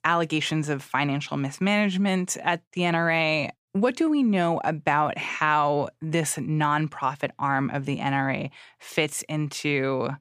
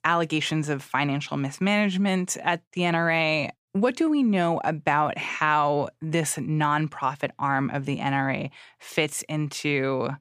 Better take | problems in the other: neither | none

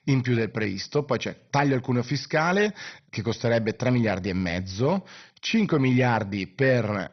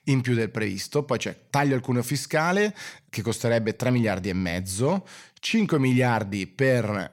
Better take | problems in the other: second | garbled, watery; badly; nothing above 6 kHz

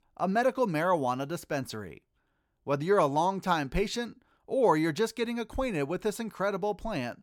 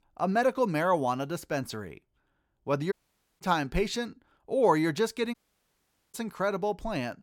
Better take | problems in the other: first | audio cutting out; at 3 s and at 5.5 s for 1 s

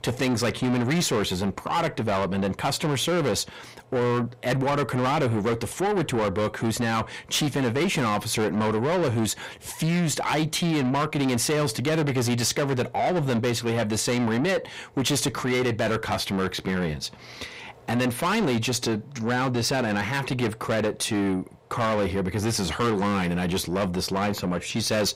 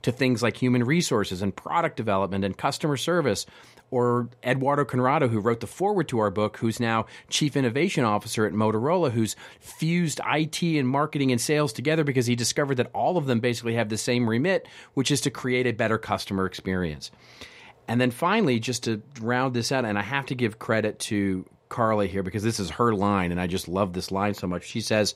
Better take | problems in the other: second | distortion; heavy; 7 dB below the speech

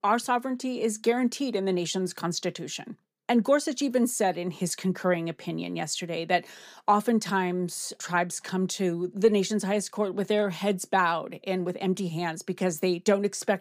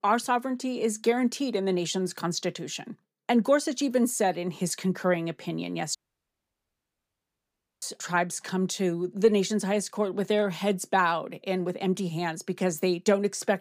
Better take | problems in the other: first | audio cutting out; at 6 s for 2 s

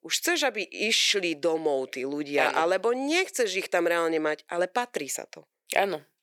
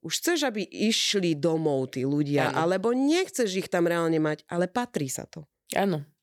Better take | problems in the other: second | thin; somewhat; fading below 500 Hz

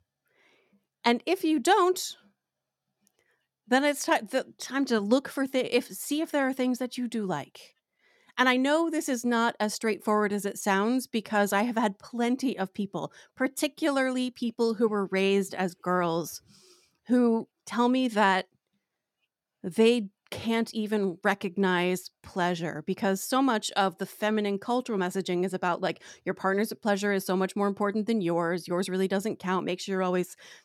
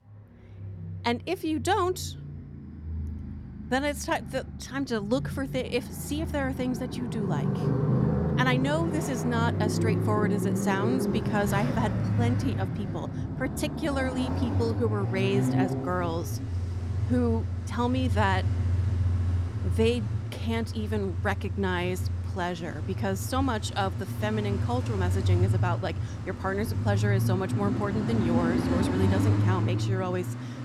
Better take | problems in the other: first | traffic noise; very loud; throughout; 1 dB above the speech

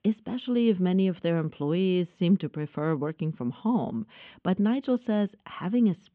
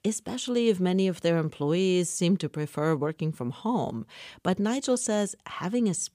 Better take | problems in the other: second | muffled; very; fading above 3 kHz

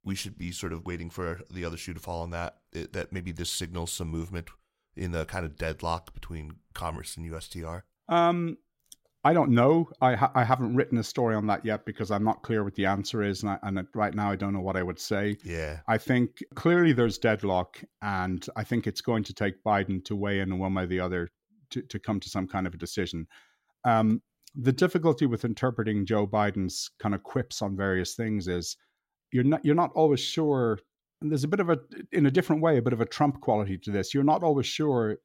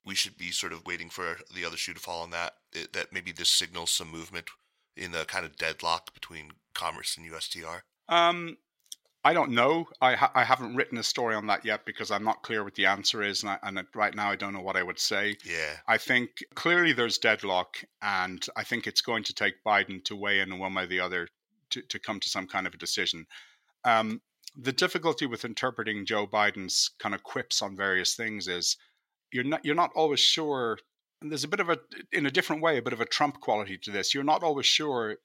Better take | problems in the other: first | thin; somewhat; fading below 750 Hz

